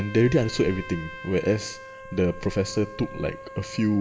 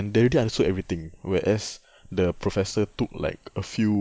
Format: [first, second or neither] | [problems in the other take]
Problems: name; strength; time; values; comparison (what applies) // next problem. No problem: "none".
second | background sound (Trumpet); 15 dB below the speech // room echo; dies away in 0.8 s